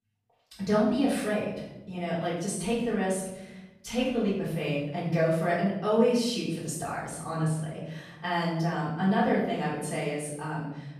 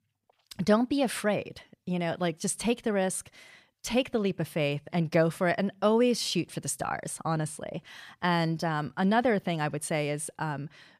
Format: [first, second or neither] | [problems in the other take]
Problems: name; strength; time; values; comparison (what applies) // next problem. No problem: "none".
second | room echo; noticeable; dies away in 1 s // off-mic speech; far